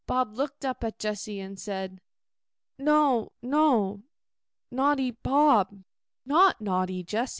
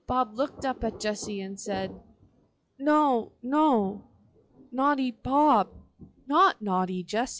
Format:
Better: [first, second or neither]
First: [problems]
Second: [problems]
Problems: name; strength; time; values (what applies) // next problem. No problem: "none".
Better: first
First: none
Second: noise reduction (classical method log-MMSE)